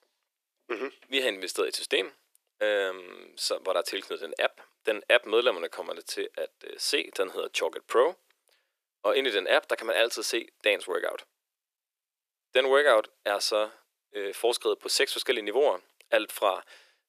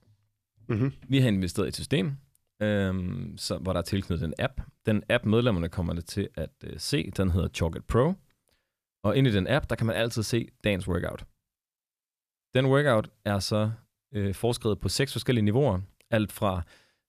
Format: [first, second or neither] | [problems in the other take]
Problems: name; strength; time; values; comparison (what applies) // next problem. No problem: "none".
second | thin; very; fading below 350 Hz